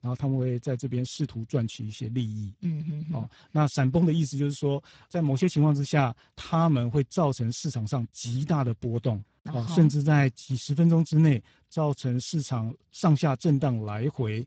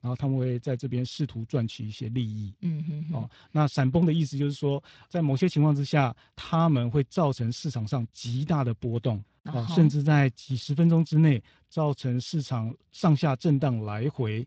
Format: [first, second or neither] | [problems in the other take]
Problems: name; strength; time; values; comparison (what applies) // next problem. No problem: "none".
second | garbled, watery; badly; nothing above 8 kHz; slightly in the second